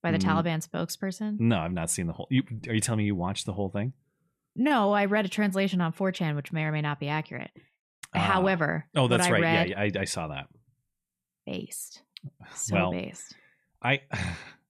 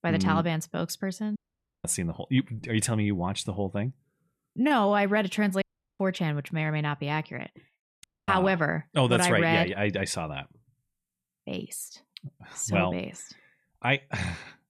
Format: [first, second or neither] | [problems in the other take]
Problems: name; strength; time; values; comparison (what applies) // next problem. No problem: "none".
first | audio cutting out; at 1.5 s, at 5.5 s and at 8 s